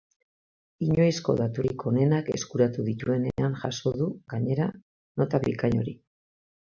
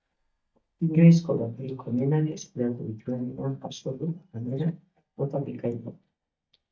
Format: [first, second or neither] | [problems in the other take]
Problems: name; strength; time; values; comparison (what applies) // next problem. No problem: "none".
first | noise reduction (neural mask model DeepFilterNet 3)